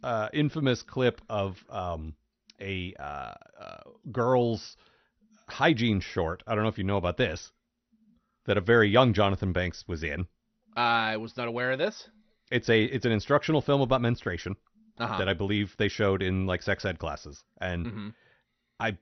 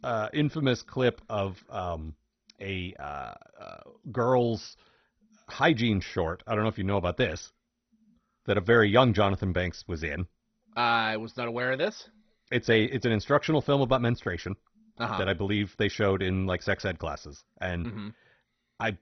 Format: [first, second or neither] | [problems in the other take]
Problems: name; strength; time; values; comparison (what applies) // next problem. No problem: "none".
first | garbled, watery; badly; nothing above 6 kHz; slightly in the first